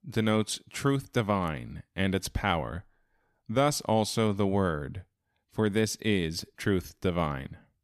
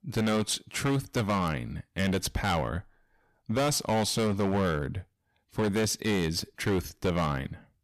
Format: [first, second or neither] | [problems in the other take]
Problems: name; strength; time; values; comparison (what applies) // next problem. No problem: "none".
first | distortion; heavy; 12% of the sound clipped